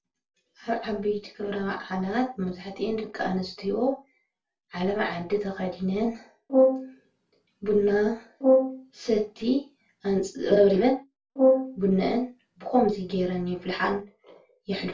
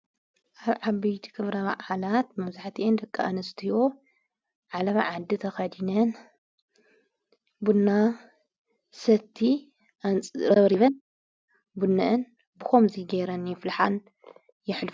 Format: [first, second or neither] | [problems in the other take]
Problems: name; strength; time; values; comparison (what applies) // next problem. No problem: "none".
second | background sound (Brass instrument); 1 dB above the speech // room echo; dies away in 0.2 s